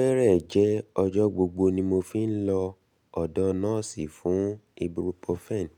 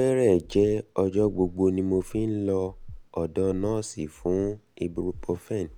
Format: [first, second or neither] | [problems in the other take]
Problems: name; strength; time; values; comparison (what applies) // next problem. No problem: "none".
first | background sound (Breathing); 18 dB below the speech